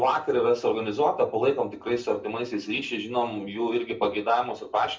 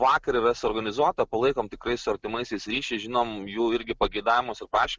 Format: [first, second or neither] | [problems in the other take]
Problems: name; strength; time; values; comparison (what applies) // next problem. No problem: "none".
second | room echo; dies away in 0.3 s